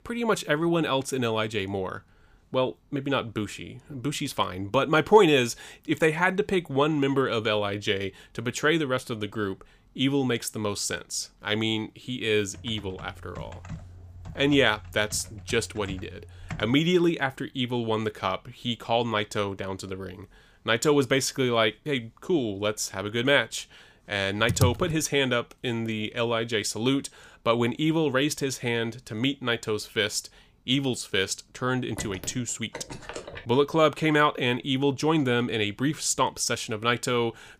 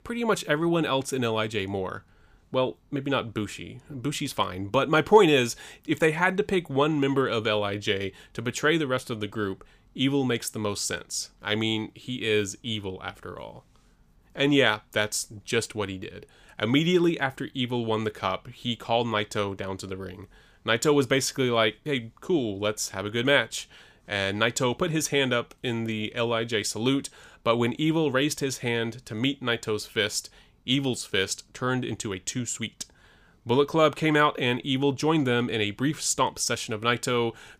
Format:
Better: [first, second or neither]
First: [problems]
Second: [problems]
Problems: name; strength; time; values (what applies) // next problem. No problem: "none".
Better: second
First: keyboard typing; faint; from 13 to 17 s; peak 15 dB below the speech // keyboard typing; noticeable; at 24 s; peak 1 dB below the speech // phone ringing; faint; from 32 to 33 s; peak 10 dB below the speech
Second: none